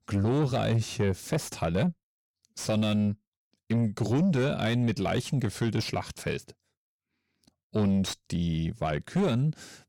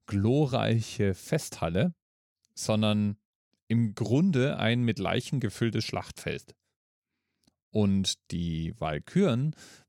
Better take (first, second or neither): second